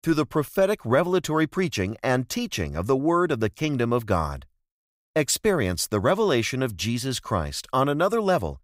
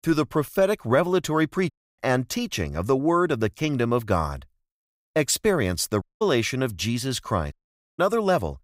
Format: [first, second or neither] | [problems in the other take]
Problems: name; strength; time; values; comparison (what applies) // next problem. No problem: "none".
first | audio cutting out; at 1.5 s, at 6 s and at 7.5 s